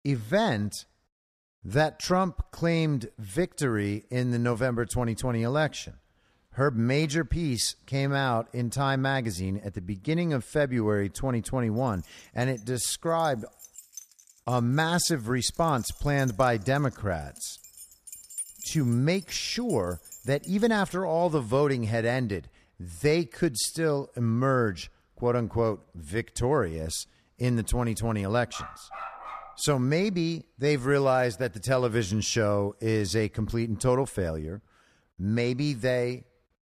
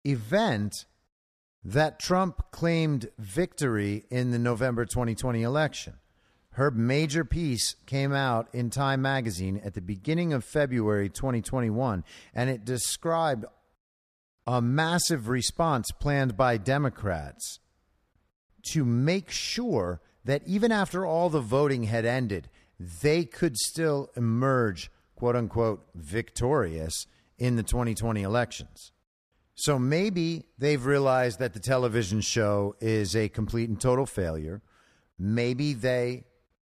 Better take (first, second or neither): second